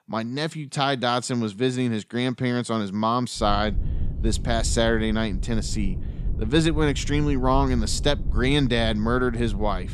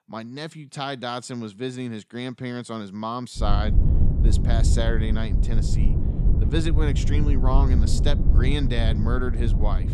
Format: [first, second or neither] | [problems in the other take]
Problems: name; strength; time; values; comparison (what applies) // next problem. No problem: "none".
first | low rumble; loud; from 3.5 s on; 6 dB below the speech; faint in the first